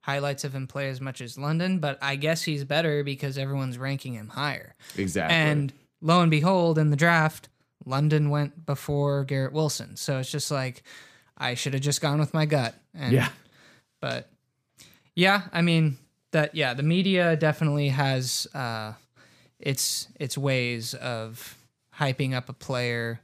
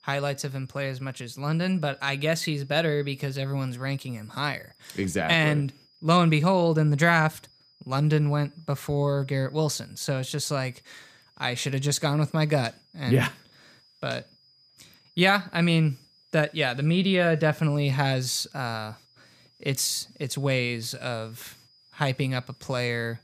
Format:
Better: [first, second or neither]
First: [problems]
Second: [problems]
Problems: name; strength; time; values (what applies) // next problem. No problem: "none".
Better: first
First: none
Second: high-pitched whine; faint; throughout; 5 kHz, 30 dB below the speech